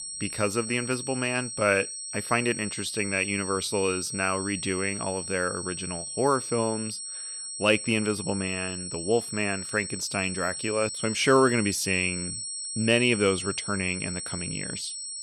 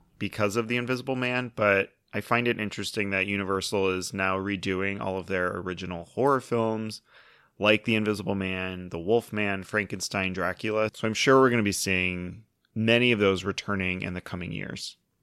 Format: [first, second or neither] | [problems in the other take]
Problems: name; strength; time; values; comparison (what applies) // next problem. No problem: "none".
second | high-pitched whine; loud; throughout; 8 kHz, 6 dB below the speech